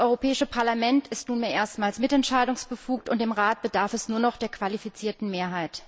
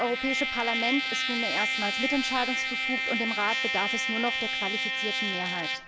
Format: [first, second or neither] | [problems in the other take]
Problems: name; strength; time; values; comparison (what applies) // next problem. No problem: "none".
first | background sound (Trumpet); 2 dB above the speech